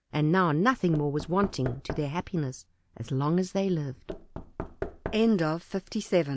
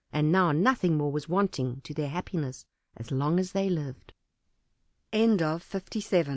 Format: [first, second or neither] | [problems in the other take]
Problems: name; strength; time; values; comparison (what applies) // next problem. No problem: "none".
second | background sound (Knock / Wood); 13 dB below the speech